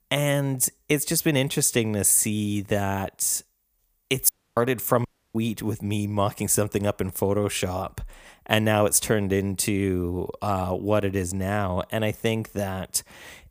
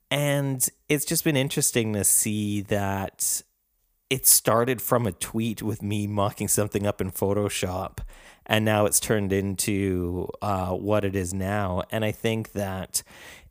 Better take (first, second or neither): second